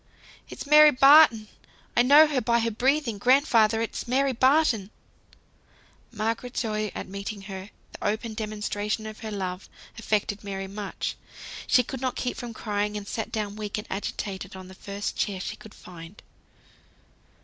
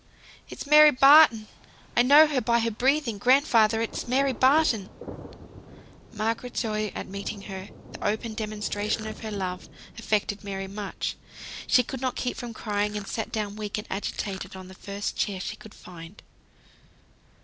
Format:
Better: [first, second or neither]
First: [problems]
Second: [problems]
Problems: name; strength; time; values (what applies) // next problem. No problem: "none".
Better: first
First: none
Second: background sound (Crushing + Thunder); 19 dB below the speech